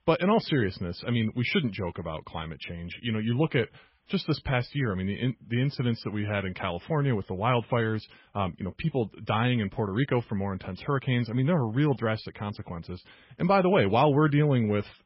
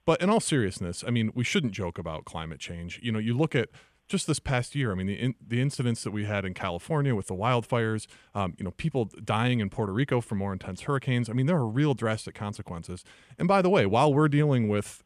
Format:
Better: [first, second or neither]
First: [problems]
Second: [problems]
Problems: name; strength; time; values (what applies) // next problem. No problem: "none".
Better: second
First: garbled, watery; badly; nothing above 5.5 kHz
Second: none